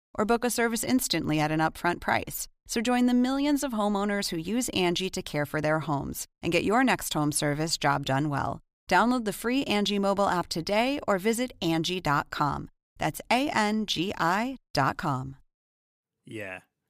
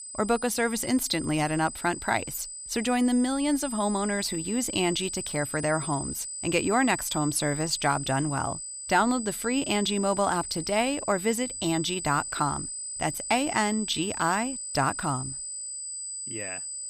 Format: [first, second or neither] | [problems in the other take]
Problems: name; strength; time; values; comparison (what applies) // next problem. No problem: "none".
first | high-pitched whine; loud; throughout; 8 kHz, 7 dB below the speech